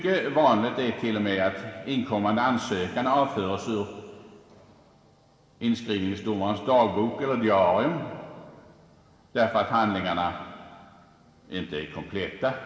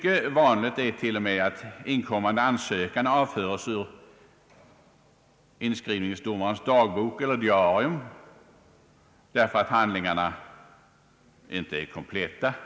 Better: second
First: room echo; dies away in 2.2 s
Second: none

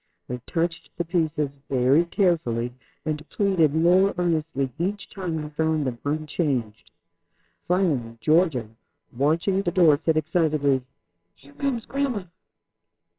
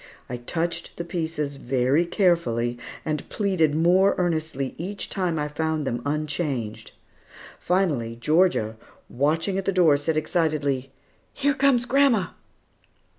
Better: second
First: noise reduction (neural separator model SepFormer WHAMR!)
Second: none

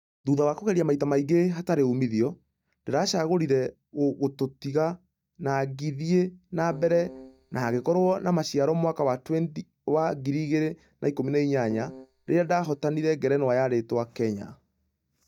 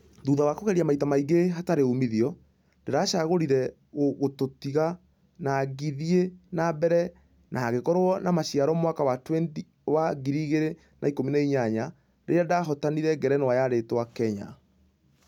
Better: second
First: noise reduction (neural mask model DeepFilterNet 3)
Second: none

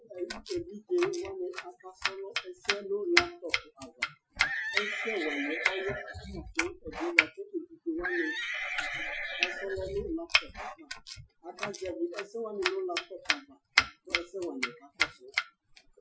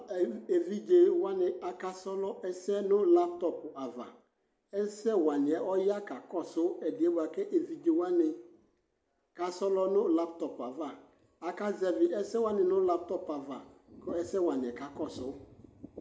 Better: second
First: noise reduction (classical method Wiener filter)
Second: none

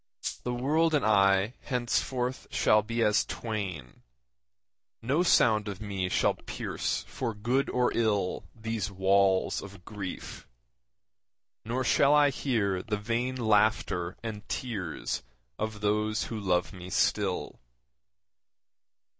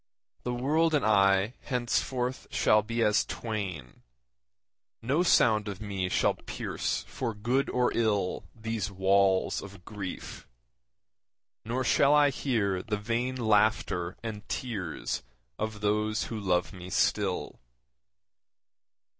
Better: second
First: background sound (Rattle (instrument)); 9 dB below the speech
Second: none

